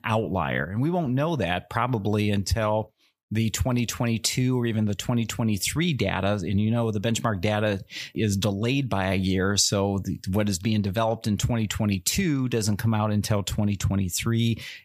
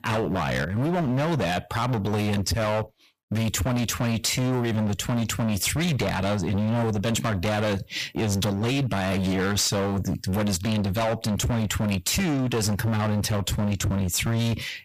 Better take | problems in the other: first | distortion; heavy; 32% of the sound clipped

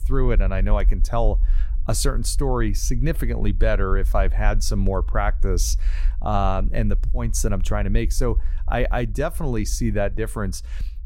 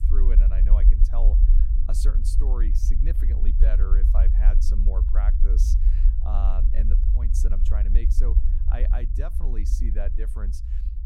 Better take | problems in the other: first | low rumble; loud; throughout; 4 dB below the speech; faint in the first

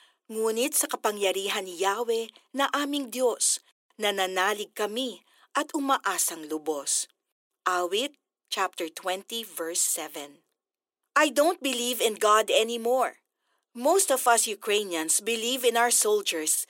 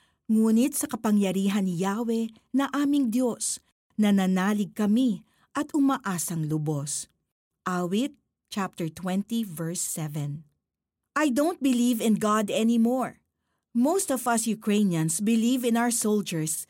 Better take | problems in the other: second | thin; very; fading below 350 Hz

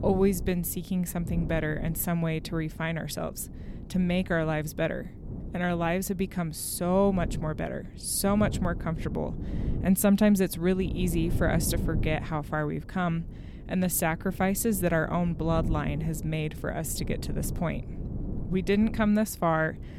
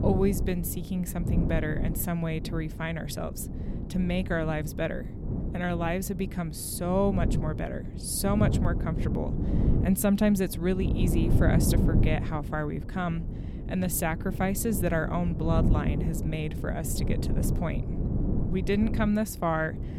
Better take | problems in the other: first | wind noise on the microphone; heavy; 7 dB below the speech; occasional gusts in the first

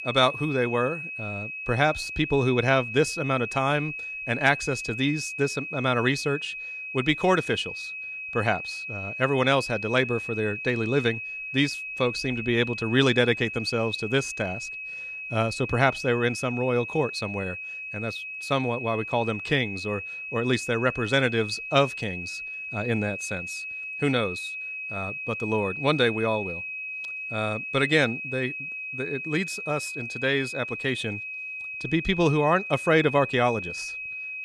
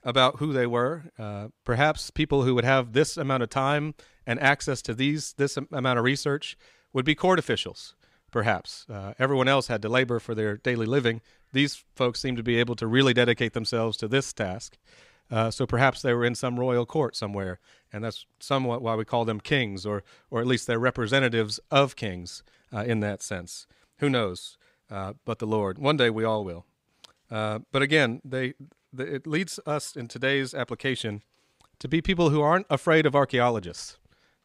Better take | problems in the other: second | high-pitched whine; loud; throughout; 2.5 kHz, 7 dB below the speech

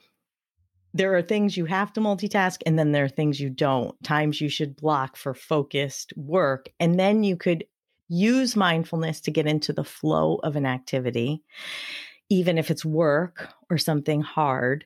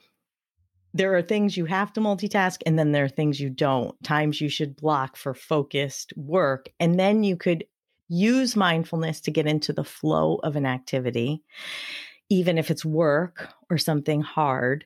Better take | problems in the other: neither | none

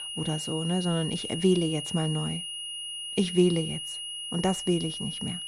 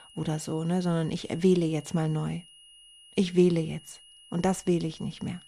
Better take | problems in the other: second | high-pitched whine; loud; throughout; 3 kHz, 5 dB below the speech; faint in the second

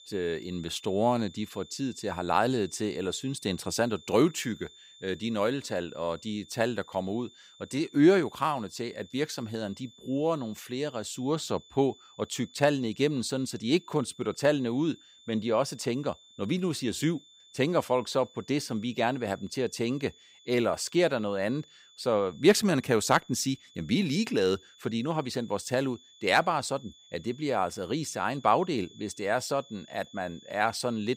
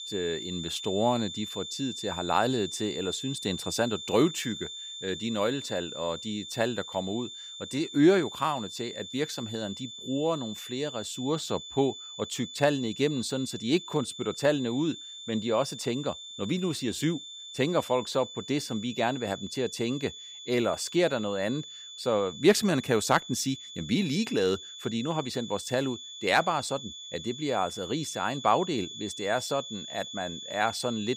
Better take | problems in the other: first | high-pitched whine; loud; throughout; 3.5 kHz, 10 dB below the speech; faint in the first

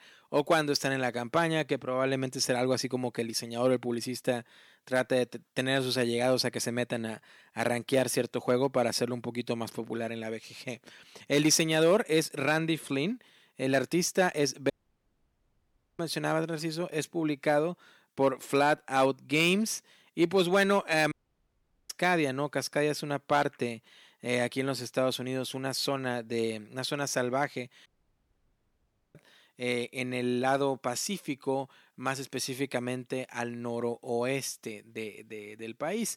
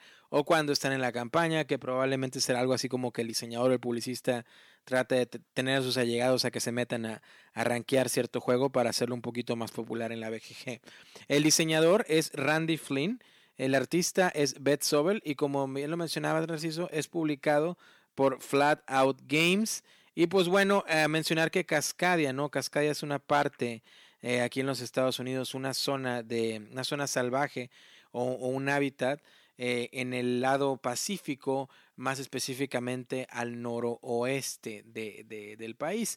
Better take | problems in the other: second | audio cutting out; at 15 s for 1.5 s, at 21 s for 1 s and at 28 s for 1.5 s

